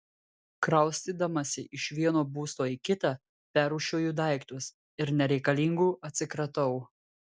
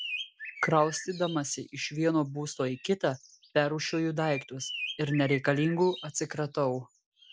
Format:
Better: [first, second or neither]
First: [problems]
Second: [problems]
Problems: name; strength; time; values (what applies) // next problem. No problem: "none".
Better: first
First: none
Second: background sound (Bird); 13 dB below the speech